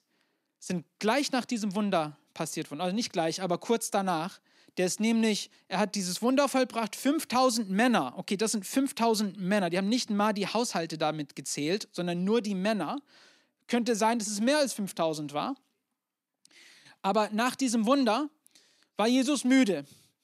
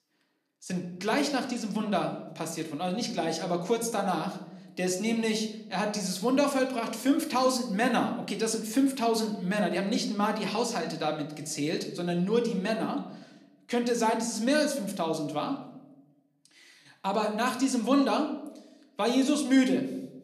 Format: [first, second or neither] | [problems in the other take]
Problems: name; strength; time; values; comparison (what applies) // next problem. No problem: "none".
first | room echo; slight; dies away in 0.7 s // off-mic speech; somewhat distant